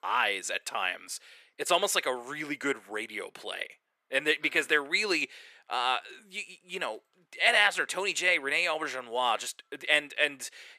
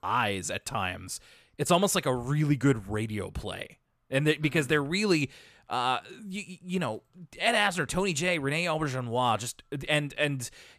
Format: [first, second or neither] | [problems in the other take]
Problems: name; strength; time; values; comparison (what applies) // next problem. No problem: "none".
second | thin; very; fading below 400 Hz